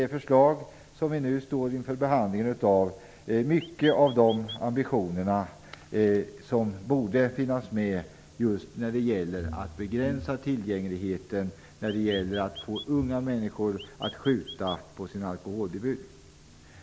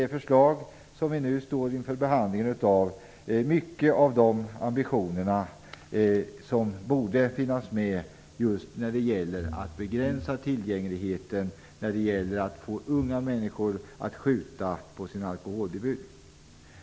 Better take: second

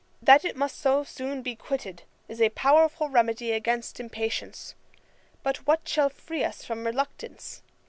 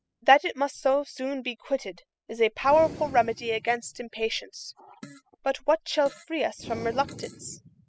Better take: first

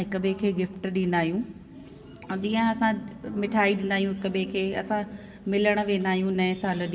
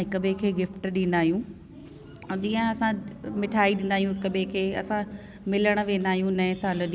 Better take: second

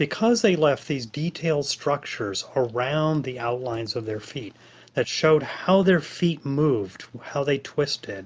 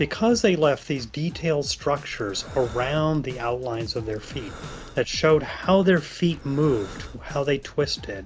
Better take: first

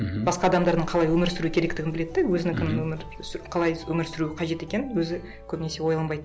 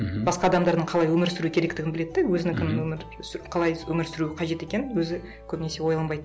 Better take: second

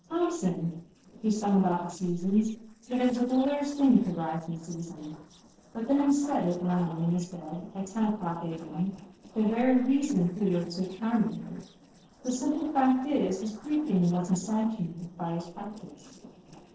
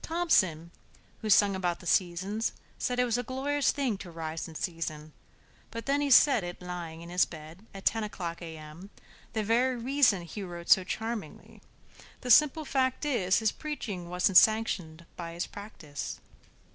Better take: second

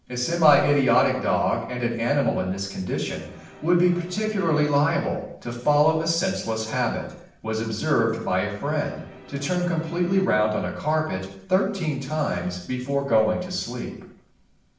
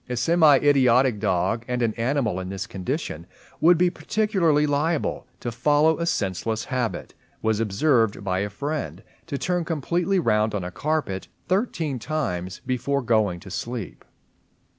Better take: second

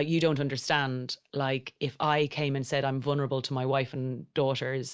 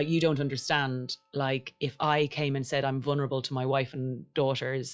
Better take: first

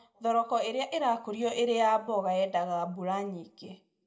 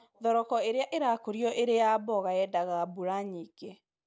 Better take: second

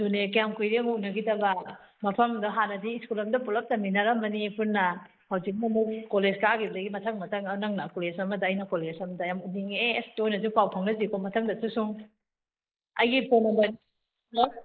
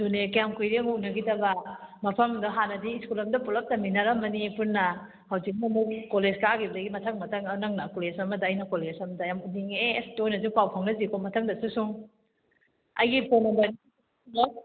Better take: second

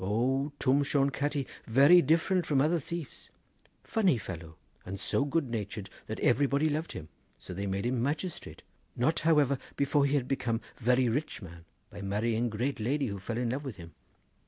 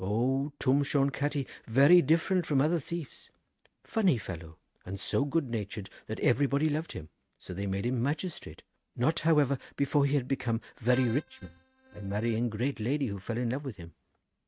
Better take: first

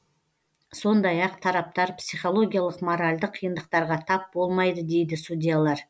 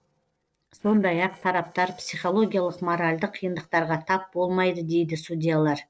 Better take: first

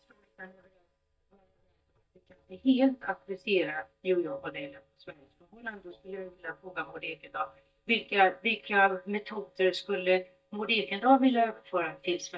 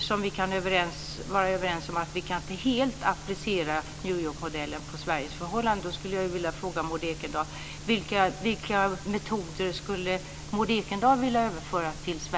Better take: second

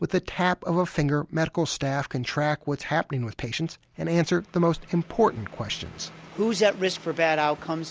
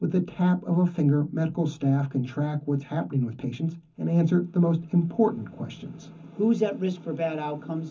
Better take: first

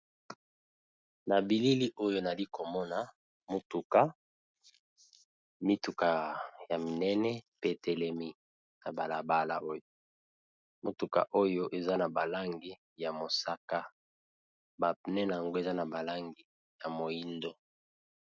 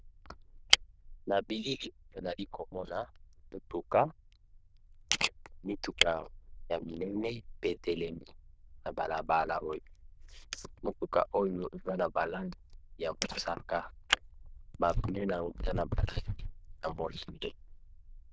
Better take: first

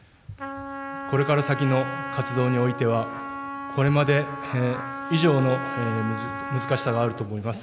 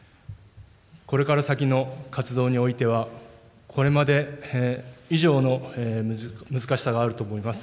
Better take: second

